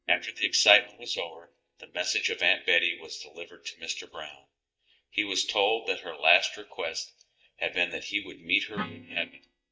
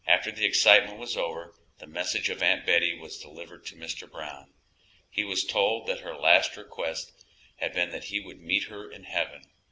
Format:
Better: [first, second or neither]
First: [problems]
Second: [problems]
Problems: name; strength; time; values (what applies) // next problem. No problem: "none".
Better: second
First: noise reduction (neural mask model DeepFilterNet 3)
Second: none